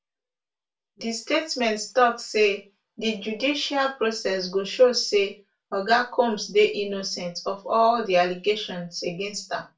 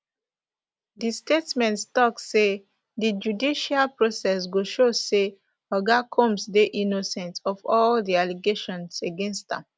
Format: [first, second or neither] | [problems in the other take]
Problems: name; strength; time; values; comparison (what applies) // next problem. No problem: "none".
second | room echo; dies away in 0.3 s